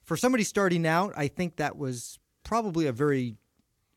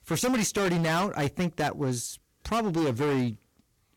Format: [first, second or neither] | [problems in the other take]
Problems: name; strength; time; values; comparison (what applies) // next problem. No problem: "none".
first | distortion; heavy; 21% of the sound clipped